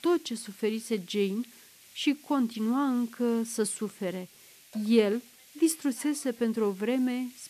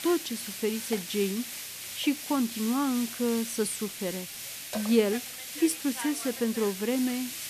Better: first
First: hiss; faint; throughout; 20 dB below the speech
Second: hiss; loud; throughout; 7 dB below the speech

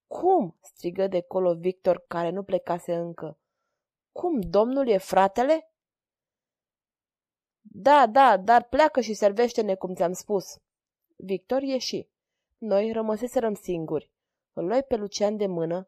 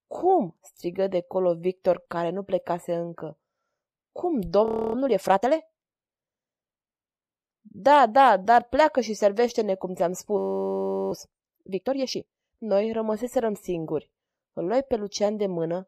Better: first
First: none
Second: audio freezing; at 4.5 s and at 10 s for 0.5 s

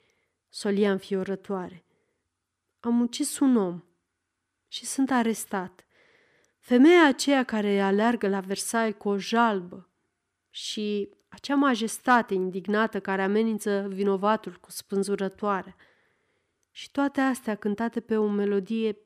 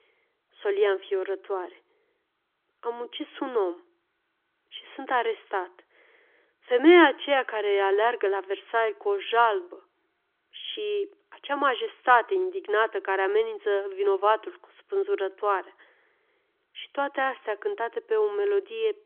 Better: first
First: none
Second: phone-call audio; nothing above 3.5 kHz

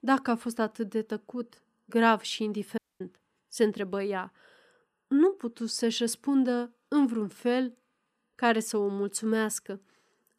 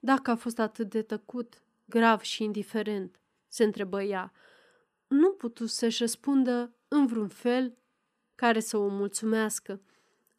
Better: second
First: audio cutting out; at 3 s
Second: none

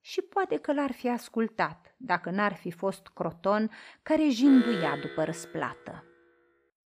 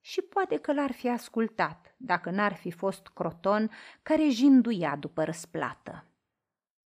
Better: second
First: alarm; noticeable; from 4.5 to 5.5 s; peak 4 dB below the speech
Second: none

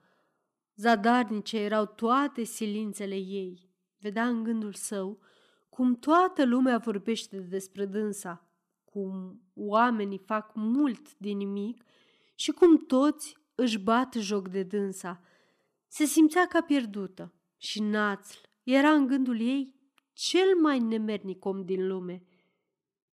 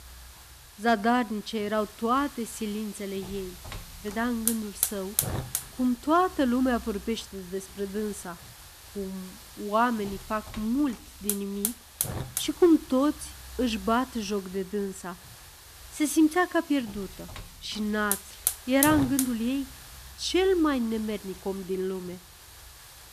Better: first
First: none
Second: hiss; loud; throughout; 7 dB below the speech

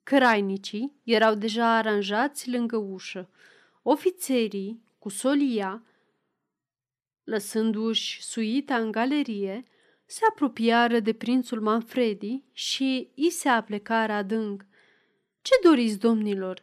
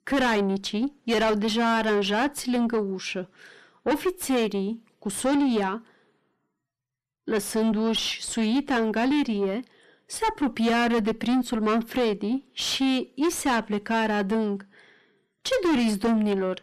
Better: first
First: none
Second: distortion; heavy; 5 dB below the speech

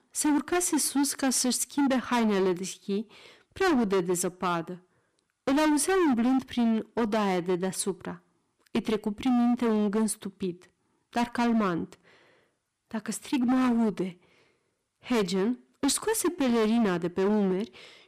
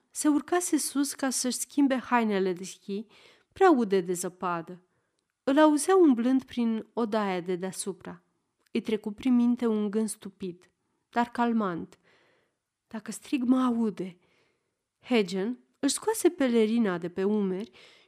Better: second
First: distortion; heavy; 16% of the sound clipped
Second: none

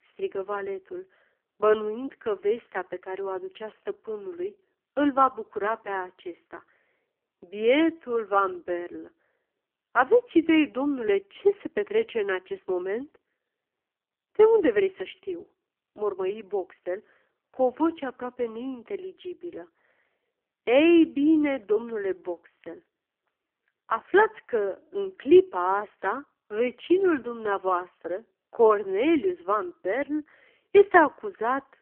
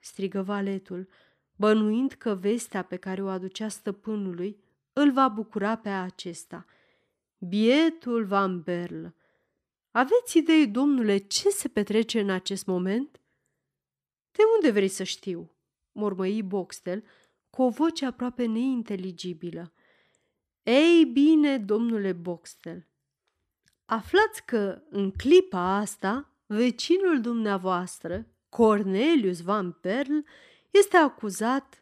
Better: second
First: phone-call audio; poor line; nothing above 3 kHz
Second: none

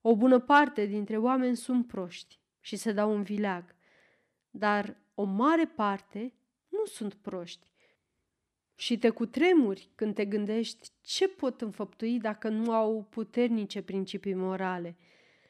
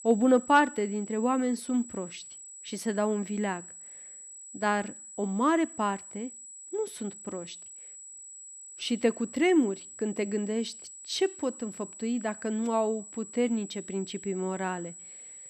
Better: first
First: none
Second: high-pitched whine; noticeable; throughout; 8 kHz, 15 dB below the speech

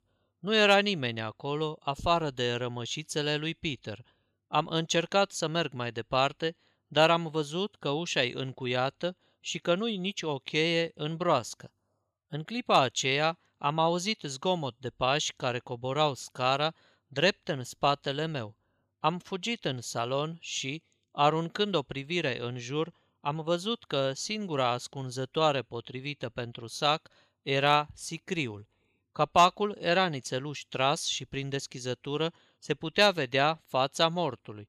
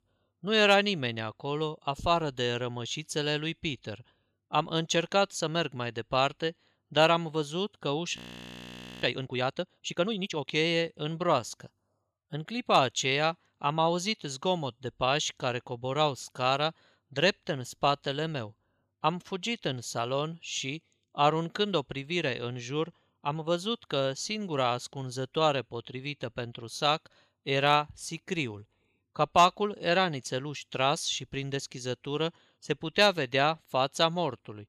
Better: first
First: none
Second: audio freezing; at 8 s for 1 s

